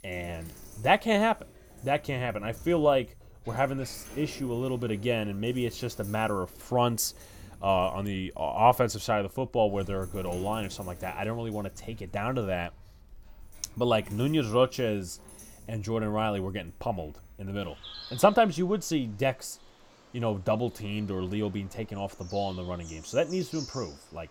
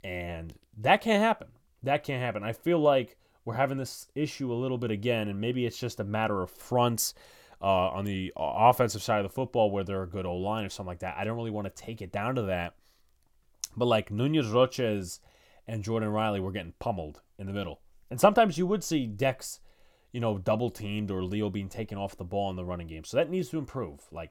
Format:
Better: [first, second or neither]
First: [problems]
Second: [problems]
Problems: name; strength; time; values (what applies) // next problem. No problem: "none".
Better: second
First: animal sounds; noticeable; throughout; 20 dB below the speech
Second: none